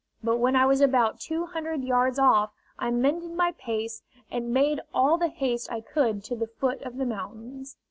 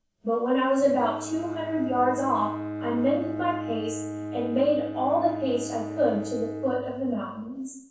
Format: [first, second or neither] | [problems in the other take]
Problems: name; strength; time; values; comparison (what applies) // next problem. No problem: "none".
first | background sound (Bowed string instrument); 8 dB below the speech // room echo; dies away in 0.7 s